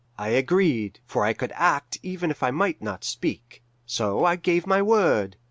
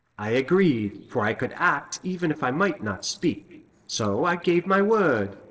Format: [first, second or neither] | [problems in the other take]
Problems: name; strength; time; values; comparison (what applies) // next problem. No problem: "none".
first | noise reduction (neural separator model SepFormer DNS4)